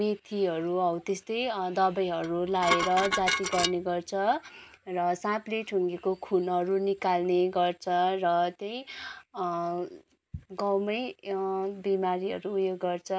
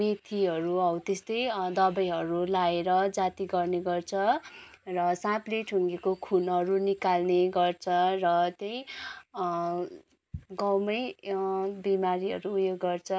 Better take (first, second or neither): second